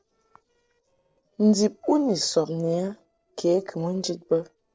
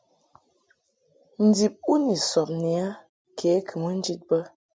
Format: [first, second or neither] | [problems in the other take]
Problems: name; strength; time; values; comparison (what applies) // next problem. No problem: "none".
second | noise reduction (neural separator model SepFormer DNS4)